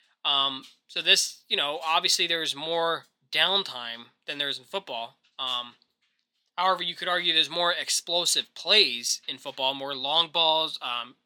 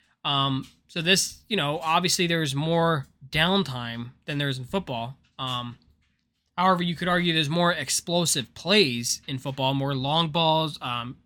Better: second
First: thin; very; fading below 500 Hz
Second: none

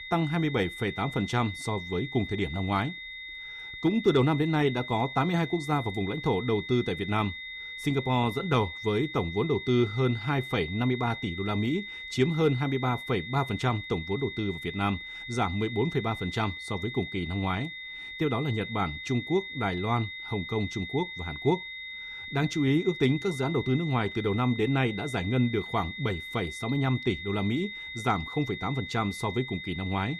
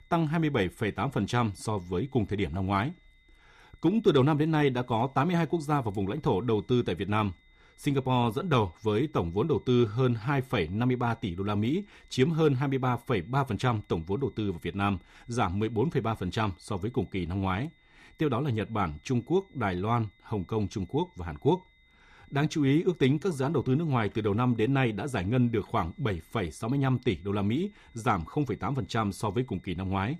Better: second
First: high-pitched whine; loud; throughout; 2 kHz, 9 dB below the speech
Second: high-pitched whine; faint; throughout; 2 kHz, 35 dB below the speech

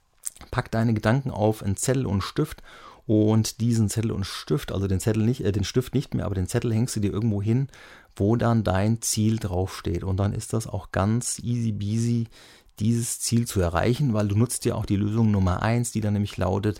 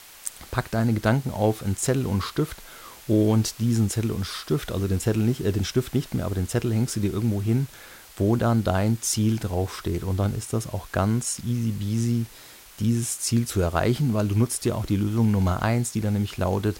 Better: first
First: none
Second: hiss; faint; throughout; 20 dB below the speech

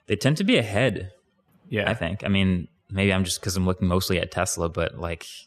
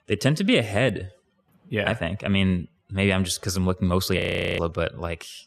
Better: first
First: none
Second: audio freezing; at 4 s

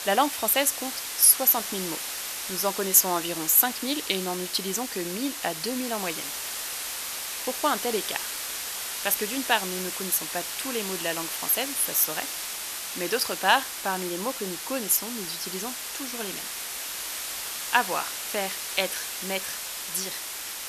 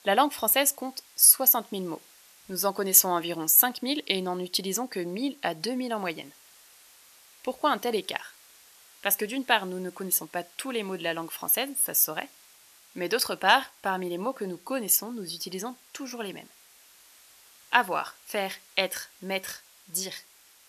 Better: second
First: hiss; loud; throughout; 6 dB below the speech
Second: hiss; faint; throughout; 25 dB below the speech

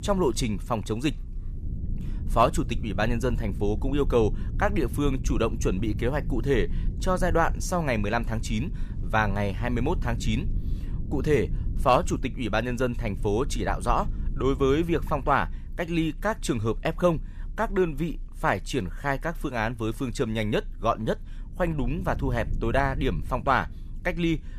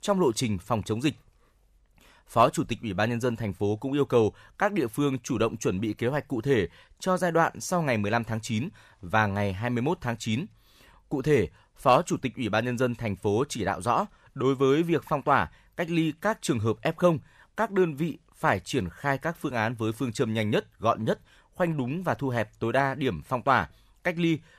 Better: second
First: low rumble; faint; throughout; 20 dB below the speech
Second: none

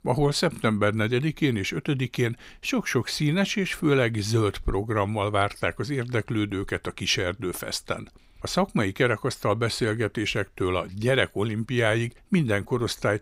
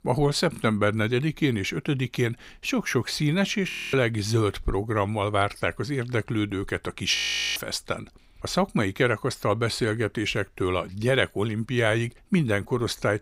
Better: first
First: none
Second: audio freezing; at 3.5 s and at 7 s

